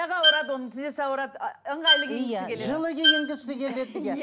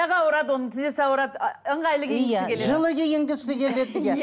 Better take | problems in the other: second | background sound (Bowed string instrument); 3 dB above the speech

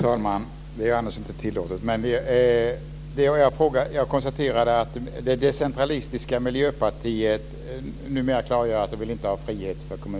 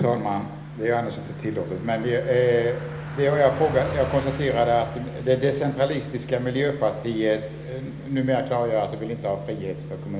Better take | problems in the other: first | background sound (Car passing by); 18 dB below the speech // room echo; dies away in 1.1 s

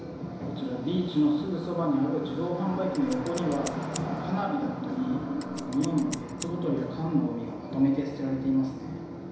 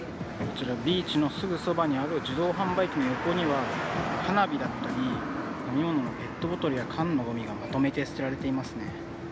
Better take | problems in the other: second | background sound (Scissors); 16 dB below the speech // room echo; dies away in 1 s

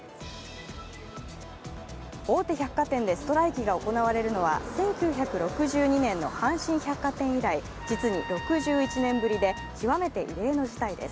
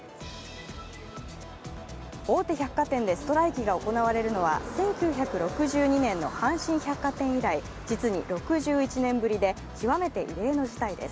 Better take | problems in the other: second | background sound (Trumpet); 12 dB below the speech

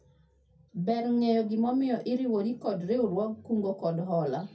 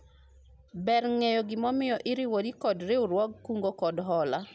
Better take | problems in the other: second | room echo; dies away in 0.3 s

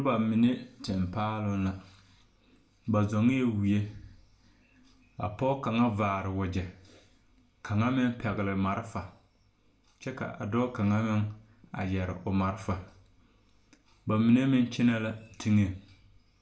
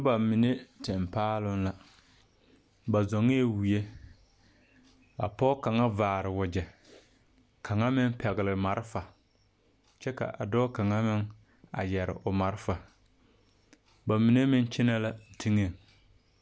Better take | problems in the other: second | room echo; dies away in 0.4 s

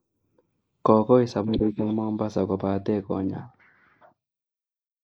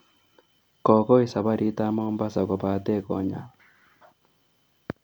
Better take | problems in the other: second | noise reduction (neural mask model Resemble Enhance denoiser)

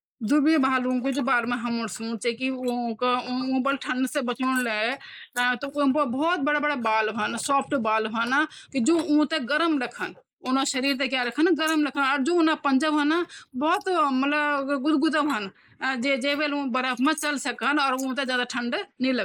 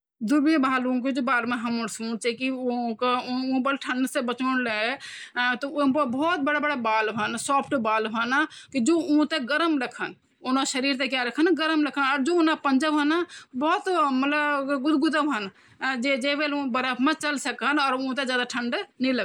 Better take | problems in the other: second | noise reduction (neural mask model Resemble Enhance denoiser)

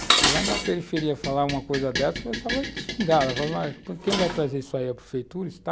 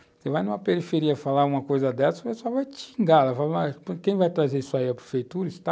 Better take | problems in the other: second | background sound (Dishes, pots, and pans); 2 dB below the speech

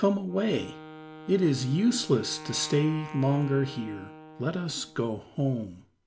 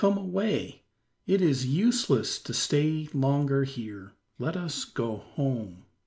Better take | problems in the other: second | background sound (Wind instrument, woodwind instrument); 17 dB below the speech

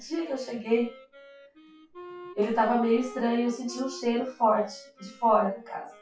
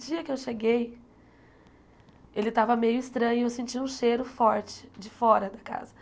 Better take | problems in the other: second | noise reduction (classical method WPE with log-MMSE)

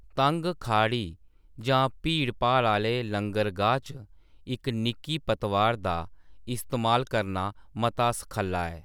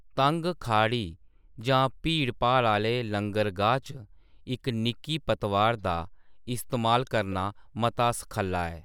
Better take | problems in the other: first | noise reduction (neural mask model Resemble Enhance denoiser)

